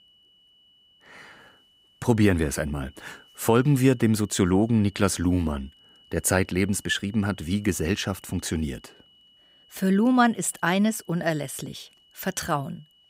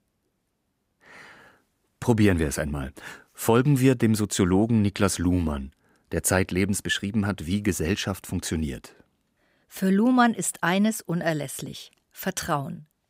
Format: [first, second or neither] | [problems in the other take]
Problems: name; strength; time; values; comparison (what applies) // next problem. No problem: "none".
second | high-pitched whine; faint; throughout; 3 kHz, 30 dB below the speech